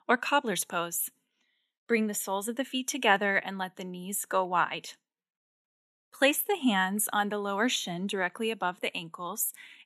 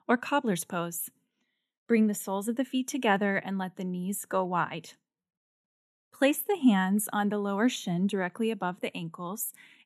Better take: second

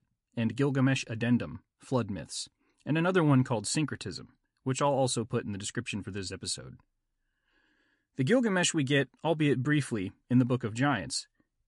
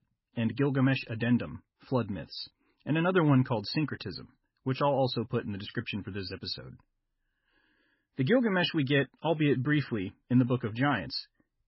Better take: first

